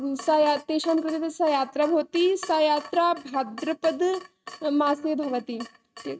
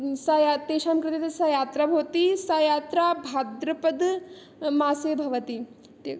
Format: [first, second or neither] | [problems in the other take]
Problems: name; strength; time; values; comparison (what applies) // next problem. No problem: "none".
second | noise reduction (neural mask model RNNoise)